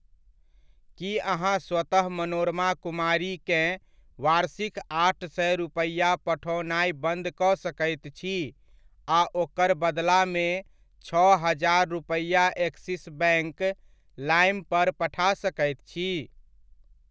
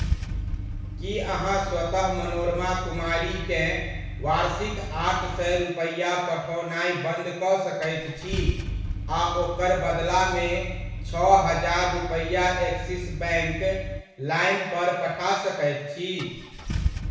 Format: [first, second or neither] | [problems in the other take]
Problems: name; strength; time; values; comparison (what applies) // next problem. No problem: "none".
first | background sound (Engine starting / Car); 6 dB below the speech // room echo; dies away in 1 s